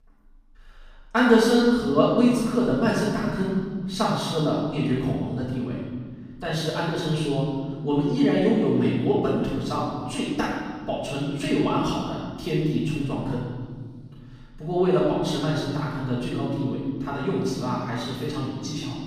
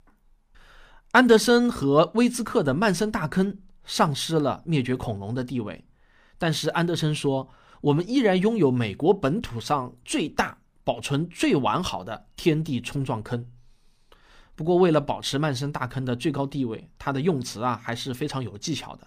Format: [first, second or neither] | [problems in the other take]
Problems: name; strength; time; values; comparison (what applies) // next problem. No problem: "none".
second | room echo; strong; dies away in 1.7 s // off-mic speech; far